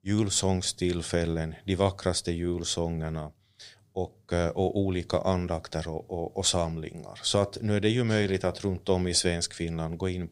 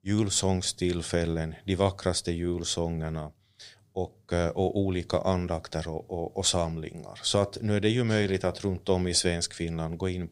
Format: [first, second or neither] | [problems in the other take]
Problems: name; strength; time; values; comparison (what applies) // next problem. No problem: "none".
neither | none